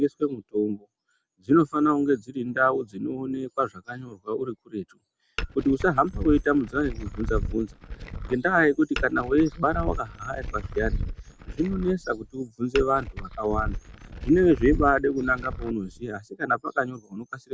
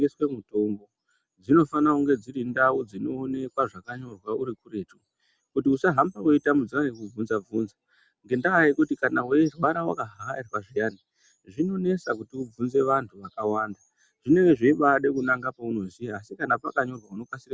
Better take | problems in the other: second | background sound (Glass); 7 dB below the speech

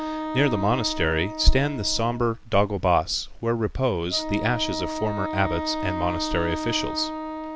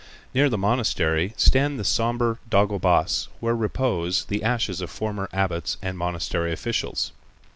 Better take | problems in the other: second | background sound (Wind instrument, woodwind instrument); 8 dB below the speech

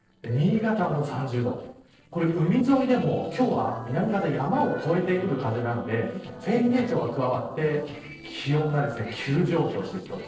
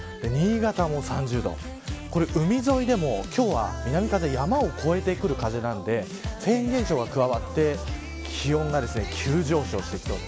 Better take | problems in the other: second | noise reduction (neural separator model SepFormer DNS4)

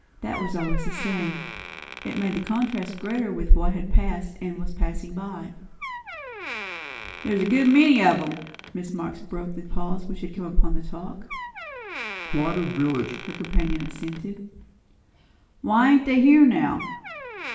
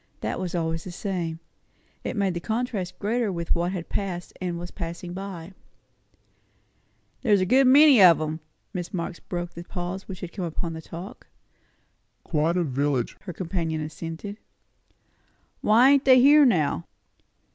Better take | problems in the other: second | background sound (Door); 16 dB below the speech // room echo; dies away in 0.8 s

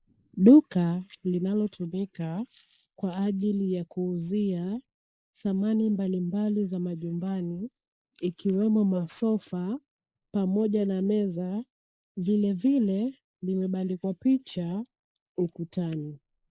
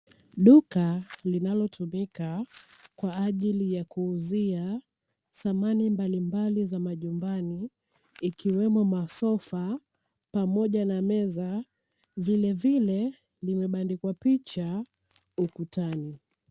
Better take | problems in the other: second | noise reduction (neural mask model Resemble Enhance denoiser)

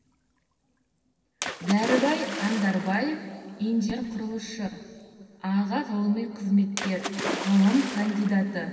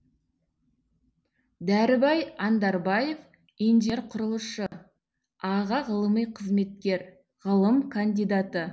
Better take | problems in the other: second | background sound (Splash, splatter); 10 dB below the speech // room echo; dies away in 2.4 s

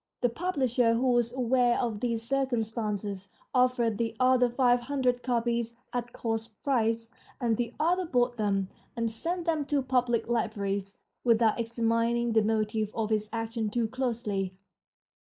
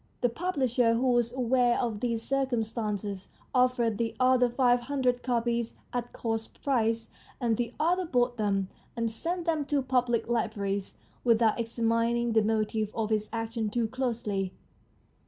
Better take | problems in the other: second | noise reduction (neural mask model Resemble Enhance denoiser)

